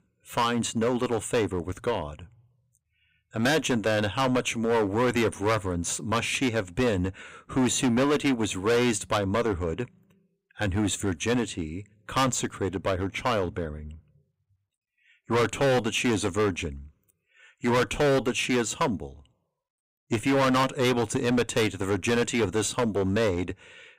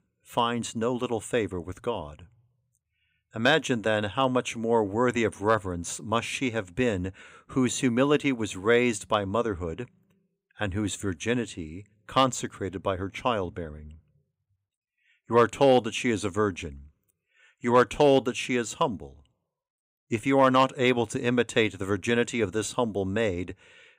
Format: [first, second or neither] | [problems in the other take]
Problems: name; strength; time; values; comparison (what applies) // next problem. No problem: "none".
second | distortion; heavy; 10% of the sound clipped